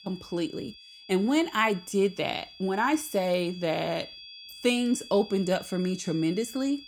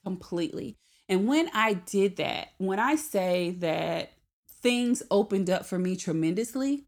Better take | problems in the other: second | high-pitched whine; noticeable; throughout; 3.5 kHz, 15 dB below the speech

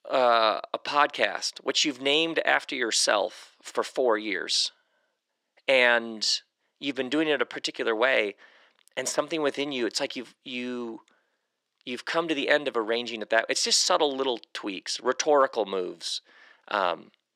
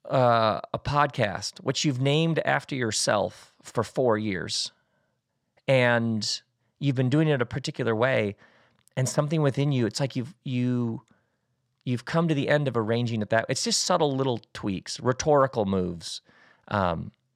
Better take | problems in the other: second | thin; somewhat; fading below 300 Hz

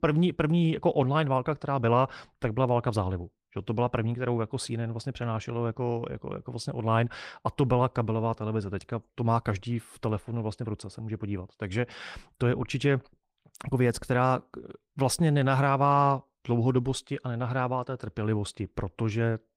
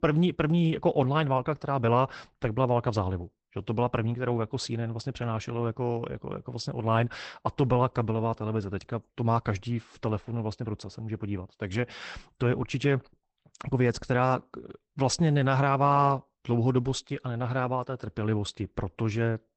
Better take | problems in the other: first | garbled, watery; badly; nothing above 8 kHz; slightly in the first

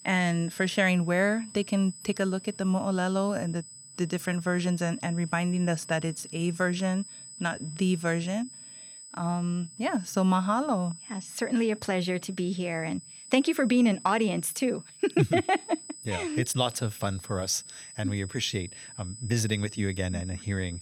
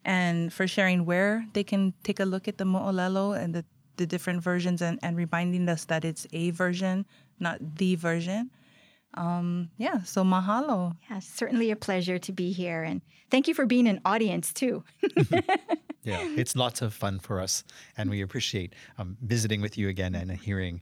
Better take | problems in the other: second | high-pitched whine; noticeable; throughout; 8 kHz, 15 dB below the speech

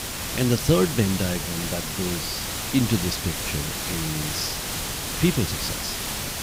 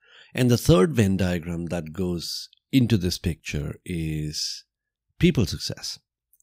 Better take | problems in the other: second | hiss; loud; throughout; 1 dB below the speech

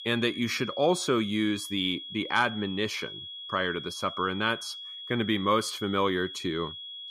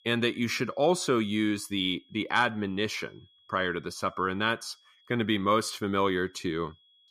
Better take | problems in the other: second | high-pitched whine; loud; throughout; 3.5 kHz, 10 dB below the speech; faint in the second

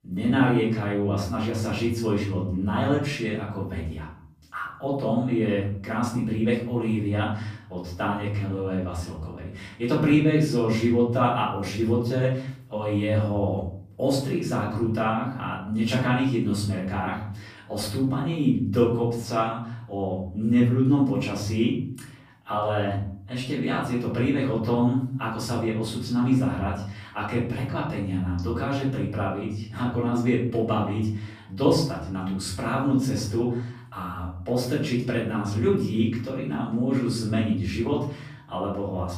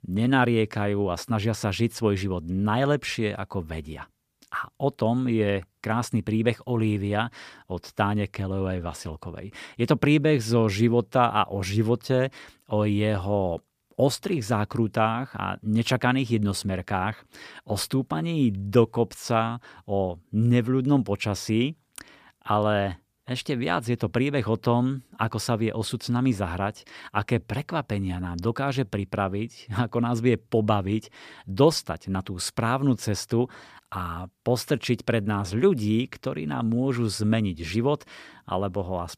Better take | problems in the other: second | off-mic speech; far // room echo; noticeable; dies away in 0.6 s

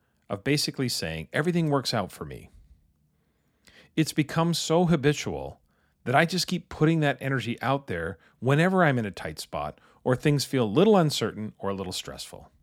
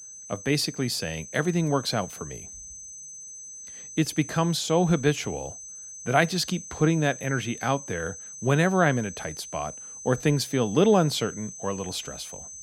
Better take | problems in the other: first | high-pitched whine; noticeable; throughout; 6 kHz, 15 dB below the speech

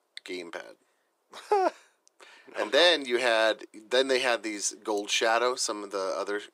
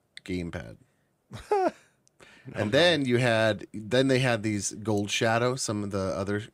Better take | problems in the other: second | thin; very; fading below 350 Hz

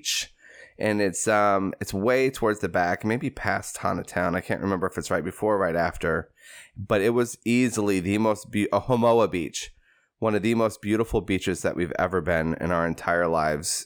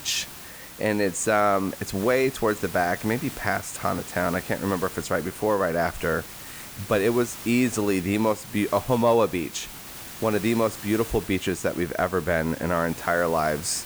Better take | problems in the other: first | hiss; noticeable; throughout; 15 dB below the speech

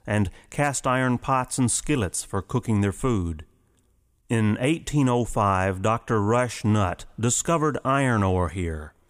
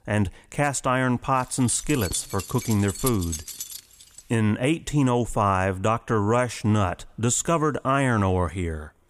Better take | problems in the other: first | jangling keys; noticeable; from 1.5 to 4 s; peak 6 dB below the speech

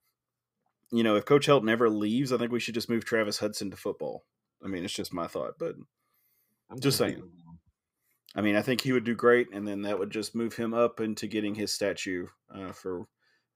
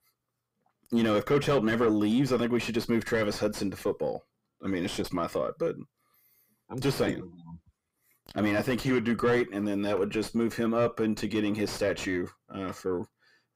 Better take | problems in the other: first | distortion; heavy; 6 dB below the speech

